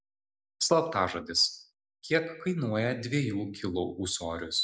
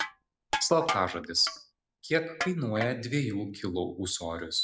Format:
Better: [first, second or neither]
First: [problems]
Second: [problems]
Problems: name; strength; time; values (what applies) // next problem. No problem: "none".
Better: first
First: none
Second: background sound (Crushing); 8 dB below the speech